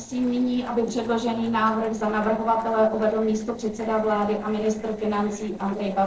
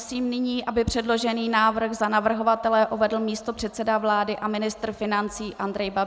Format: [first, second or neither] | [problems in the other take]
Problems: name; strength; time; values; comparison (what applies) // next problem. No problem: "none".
second | noise reduction (neural separator model SepFormer DNS4)